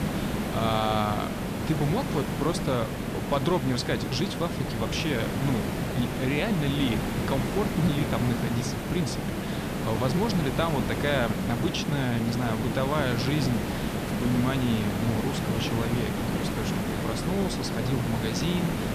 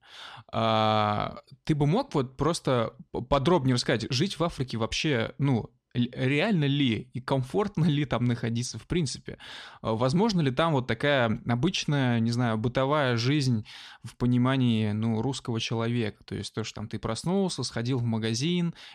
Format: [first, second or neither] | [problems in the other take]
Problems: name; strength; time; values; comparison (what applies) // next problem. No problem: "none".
second | hiss; loud; throughout; 1 dB below the speech